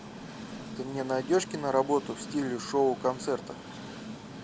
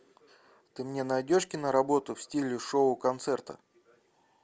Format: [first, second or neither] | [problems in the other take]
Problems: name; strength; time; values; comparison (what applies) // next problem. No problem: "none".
second | background sound (Train); 11 dB below the speech